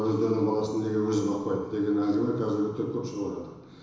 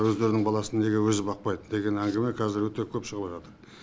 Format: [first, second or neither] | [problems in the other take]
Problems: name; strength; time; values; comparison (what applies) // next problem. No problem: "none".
second | room echo; dies away in 1 s